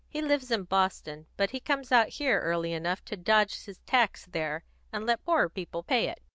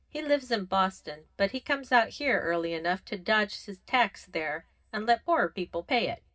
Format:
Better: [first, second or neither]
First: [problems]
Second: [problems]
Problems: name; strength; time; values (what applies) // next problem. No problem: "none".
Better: first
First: none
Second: room echo; dies away in 0.4 s